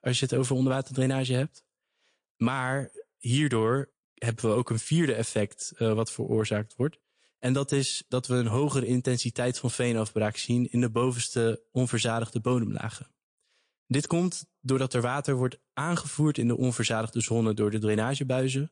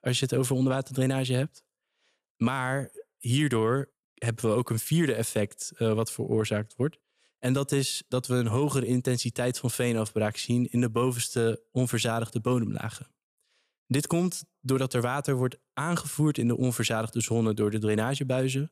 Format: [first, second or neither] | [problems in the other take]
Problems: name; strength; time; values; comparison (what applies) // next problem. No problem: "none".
second | garbled, watery; slightly; nothing above 9 kHz